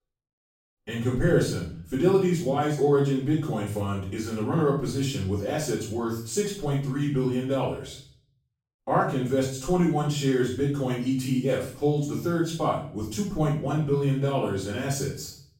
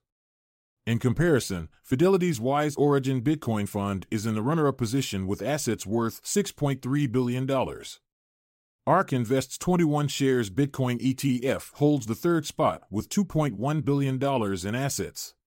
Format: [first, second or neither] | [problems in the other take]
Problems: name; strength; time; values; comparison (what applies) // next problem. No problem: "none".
second | off-mic speech; far // room echo; noticeable; dies away in 0.5 s